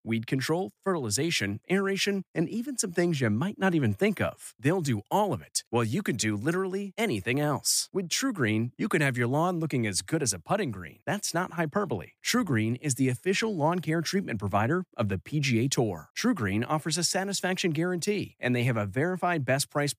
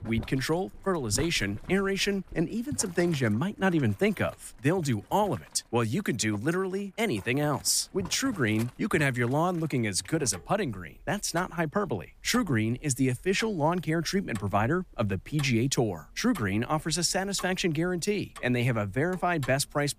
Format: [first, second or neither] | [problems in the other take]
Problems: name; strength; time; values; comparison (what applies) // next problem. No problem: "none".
first | household noises; noticeable; throughout; 20 dB below the speech